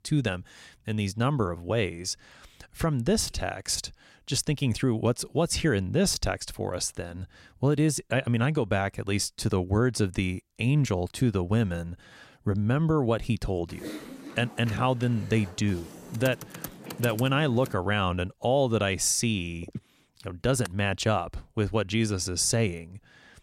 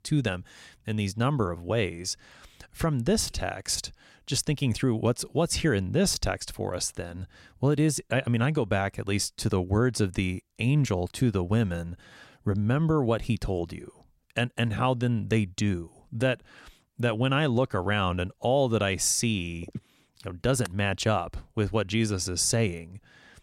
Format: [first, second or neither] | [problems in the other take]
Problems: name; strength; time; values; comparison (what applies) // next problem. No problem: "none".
second | keyboard typing; faint; from 14 to 18 s; peak 10 dB below the speech